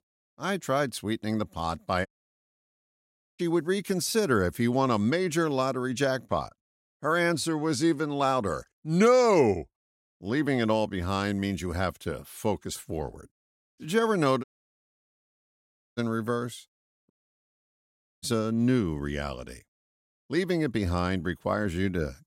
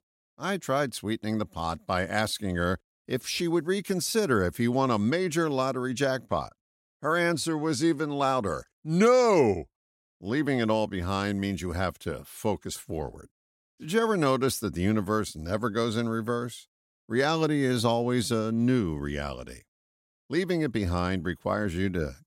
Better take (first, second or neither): second